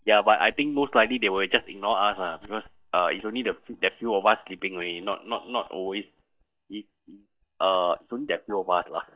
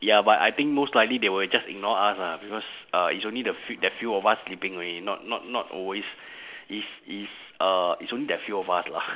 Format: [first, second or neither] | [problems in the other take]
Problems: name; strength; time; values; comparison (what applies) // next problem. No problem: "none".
second | noise reduction (neural mask model DeepFilterNet 3)